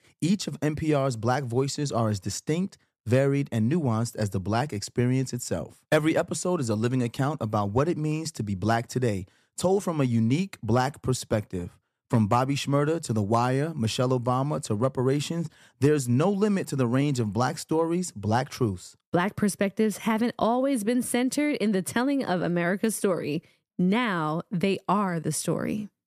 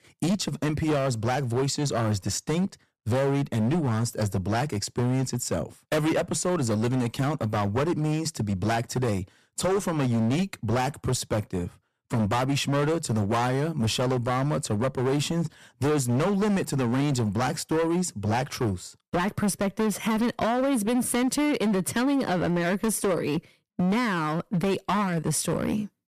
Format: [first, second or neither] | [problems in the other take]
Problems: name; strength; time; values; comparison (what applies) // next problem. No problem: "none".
first | distortion; heavy; 18% of the sound clipped